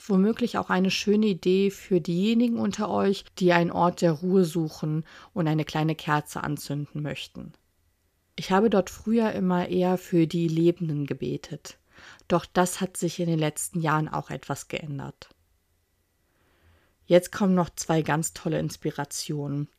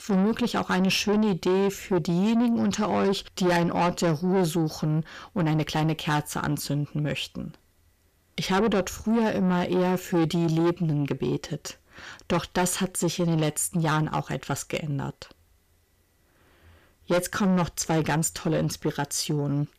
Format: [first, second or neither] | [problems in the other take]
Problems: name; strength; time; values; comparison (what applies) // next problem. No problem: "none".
first | distortion; heavy; 8 dB below the speech